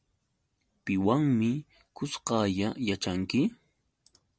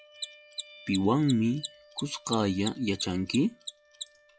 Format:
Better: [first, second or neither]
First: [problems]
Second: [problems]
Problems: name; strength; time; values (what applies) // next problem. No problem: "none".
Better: first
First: none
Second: noise reduction (classical method log-MMSE)